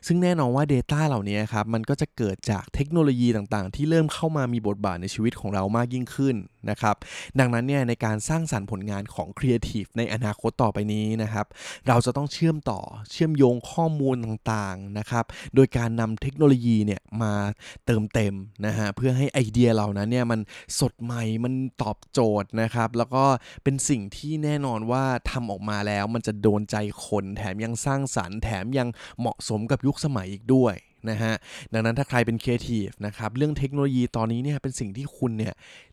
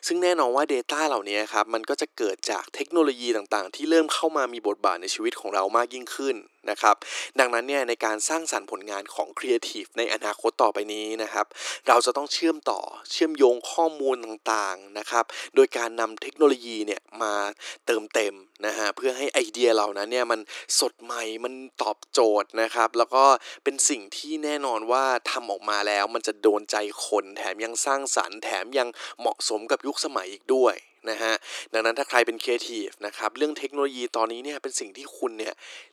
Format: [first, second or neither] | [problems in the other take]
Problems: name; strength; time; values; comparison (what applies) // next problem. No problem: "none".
first | thin; very; fading below 300 Hz